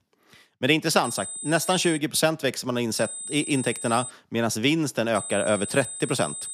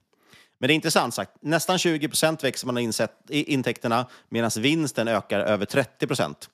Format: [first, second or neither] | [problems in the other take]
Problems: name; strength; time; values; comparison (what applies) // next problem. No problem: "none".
second | high-pitched whine; loud; at 1 s, from 3 to 4 s and from 5 s on; 8 kHz, 8 dB below the speech